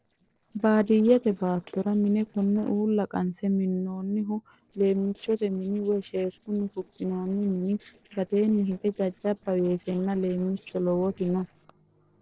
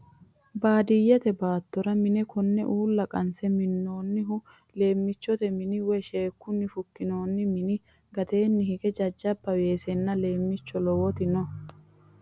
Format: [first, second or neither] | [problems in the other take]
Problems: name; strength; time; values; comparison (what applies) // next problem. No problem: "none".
second | noise reduction (neural separator model SepFormer DNS4)